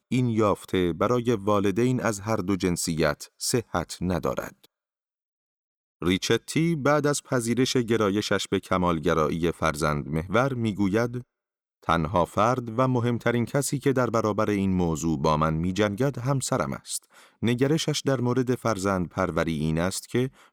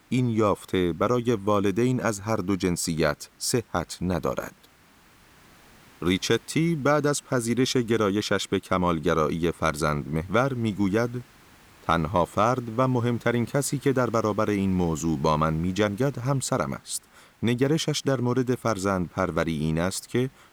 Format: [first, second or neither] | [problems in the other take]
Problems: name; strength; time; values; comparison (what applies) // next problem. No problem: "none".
first | hiss; faint; throughout; 30 dB below the speech